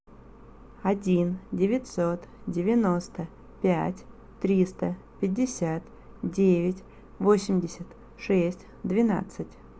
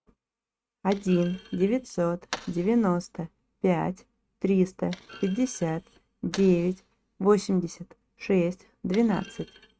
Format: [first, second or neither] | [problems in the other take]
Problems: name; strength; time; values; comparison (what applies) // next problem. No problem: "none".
first | noise reduction (neural mask model RNNoise)